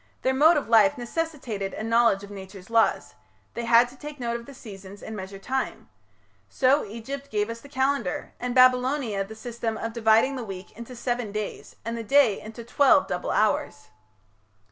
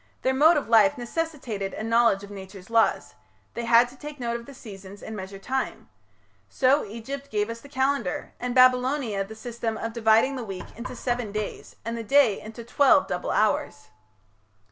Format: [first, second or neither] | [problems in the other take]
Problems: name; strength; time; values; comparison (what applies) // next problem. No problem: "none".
first | background sound (Knock); 12 dB below the speech